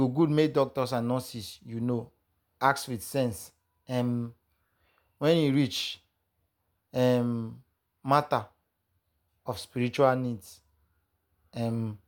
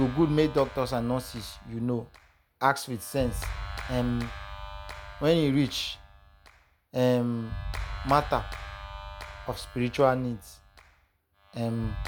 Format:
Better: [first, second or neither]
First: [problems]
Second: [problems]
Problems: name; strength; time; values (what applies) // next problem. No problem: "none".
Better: first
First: none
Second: background sound (Clapping); 11 dB below the speech